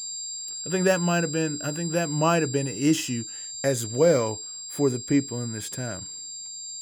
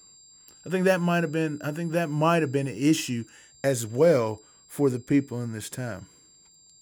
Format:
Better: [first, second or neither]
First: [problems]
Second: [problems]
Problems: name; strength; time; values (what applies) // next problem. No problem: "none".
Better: second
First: high-pitched whine; loud; throughout; 7.5 kHz, 8 dB below the speech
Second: high-pitched whine; faint; throughout; 7.5 kHz, 25 dB below the speech